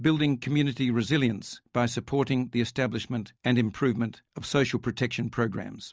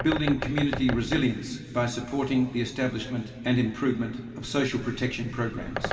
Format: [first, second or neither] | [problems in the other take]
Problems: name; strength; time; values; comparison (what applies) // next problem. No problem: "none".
first | background sound (Bird); 10 dB below the speech // room echo; dies away in 2.5 s